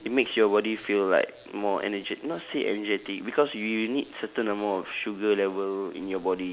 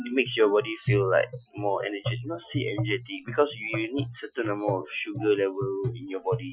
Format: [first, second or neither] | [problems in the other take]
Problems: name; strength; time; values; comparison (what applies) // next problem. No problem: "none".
first | noise reduction (classical method Wiener filter)